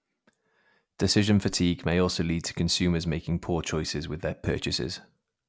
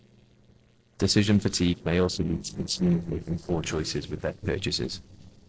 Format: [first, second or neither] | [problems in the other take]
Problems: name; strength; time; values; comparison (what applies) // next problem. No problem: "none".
first | noise reduction (neural separator model SepFormer DNS4)